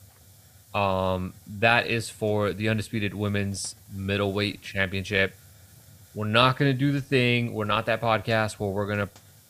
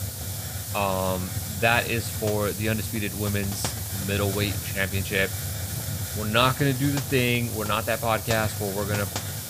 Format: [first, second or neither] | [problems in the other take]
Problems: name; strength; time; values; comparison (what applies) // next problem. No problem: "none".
first | hiss; loud; throughout; 4 dB below the speech; faint in the first